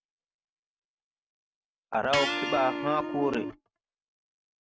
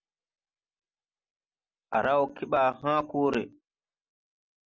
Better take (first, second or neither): second